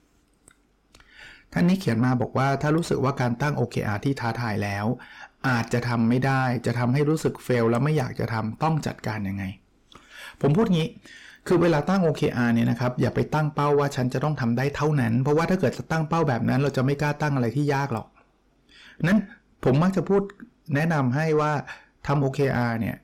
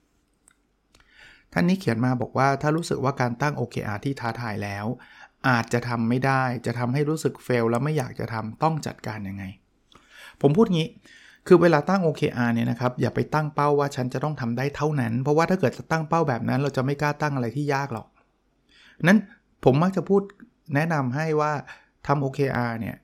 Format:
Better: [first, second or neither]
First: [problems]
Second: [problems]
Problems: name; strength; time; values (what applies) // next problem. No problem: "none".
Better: second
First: distortion; heavy; 7 dB below the speech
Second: none